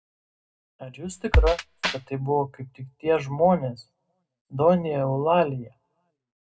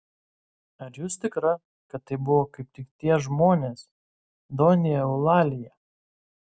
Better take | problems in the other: second | background sound (Drum kit); 3 dB above the speech // room echo; dies away in 0.2 s

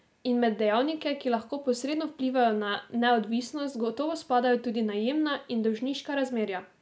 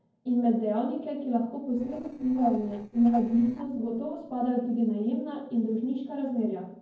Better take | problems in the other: first | noise reduction (neural separator model SepFormer DNS4)

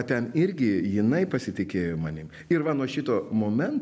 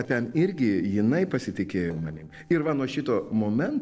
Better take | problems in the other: first | noise reduction (neural separator model SepFormer DNS4)

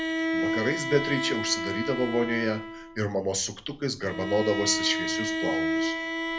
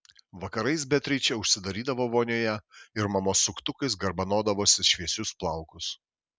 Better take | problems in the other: second | background sound (Bowed string instrument); 1 dB below the speech // room echo; dies away in 0.3 s

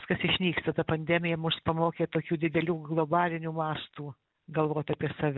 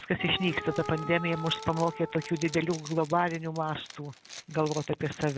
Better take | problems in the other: first | background sound (Zipper (clothing) + Wind instrument, woodwind instrument); 13 dB below the speech

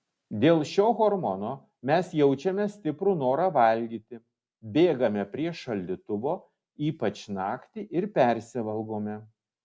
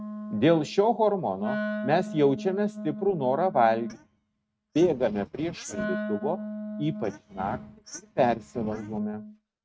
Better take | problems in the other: first | noise reduction (neural mask model RNNoise)

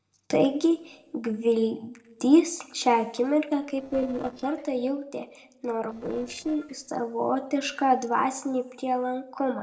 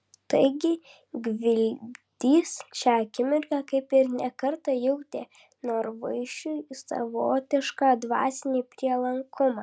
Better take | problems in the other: second | noise reduction (neural separator model SepFormer DNS4)

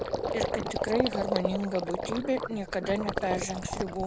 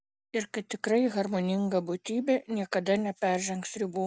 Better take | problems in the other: second | background sound (Gurgling); 1 dB below the speech

